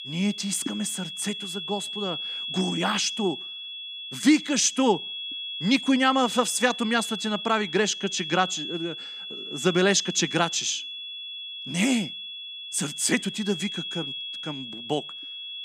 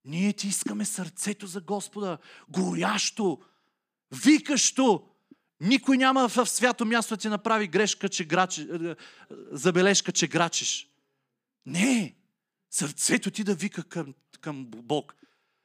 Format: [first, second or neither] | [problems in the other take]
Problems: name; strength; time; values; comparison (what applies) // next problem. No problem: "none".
second | high-pitched whine; loud; throughout; 3.5 kHz, 7 dB below the speech